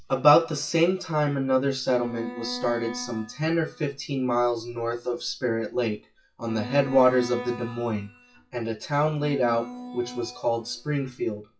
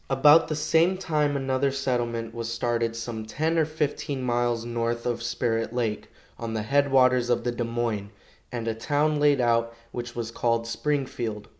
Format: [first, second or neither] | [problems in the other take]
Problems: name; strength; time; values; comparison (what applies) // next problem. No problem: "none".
second | noise reduction (classical method WPE with log-MMSE)